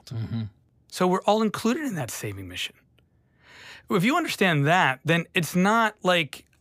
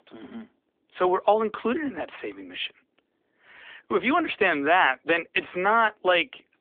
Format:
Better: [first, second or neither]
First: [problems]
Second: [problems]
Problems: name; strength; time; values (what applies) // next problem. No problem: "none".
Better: first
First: none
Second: phone-call audio